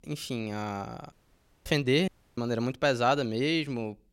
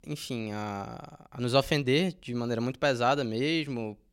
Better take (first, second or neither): second